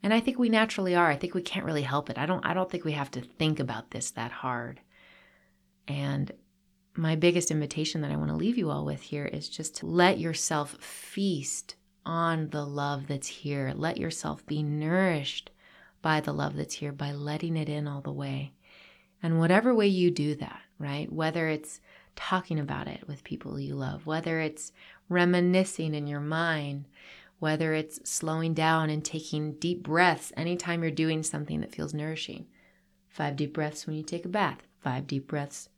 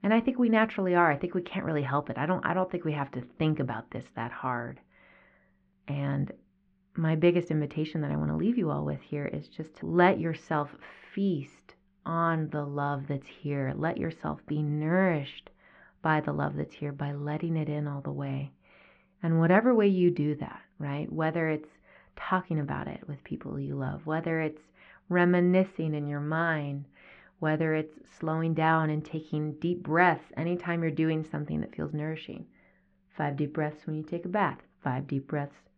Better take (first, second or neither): first